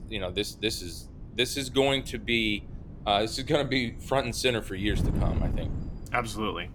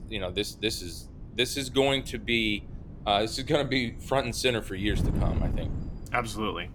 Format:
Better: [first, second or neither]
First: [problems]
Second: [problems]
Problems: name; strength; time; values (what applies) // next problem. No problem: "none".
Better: neither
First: wind noise on the microphone; occasional gusts; 20 dB below the speech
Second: wind noise on the microphone; occasional gusts; 20 dB below the speech